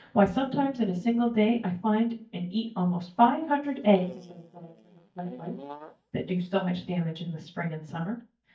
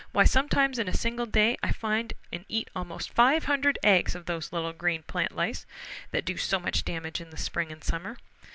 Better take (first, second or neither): second